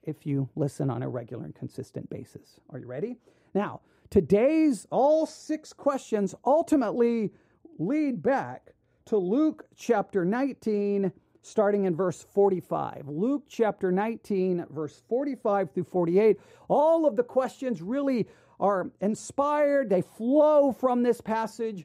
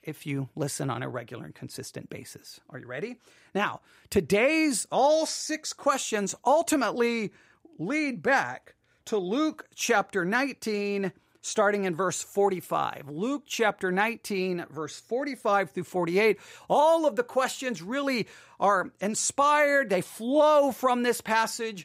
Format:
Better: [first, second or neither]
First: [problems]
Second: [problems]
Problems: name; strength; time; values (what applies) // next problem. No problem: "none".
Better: second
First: muffled; slightly; fading above 1 kHz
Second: none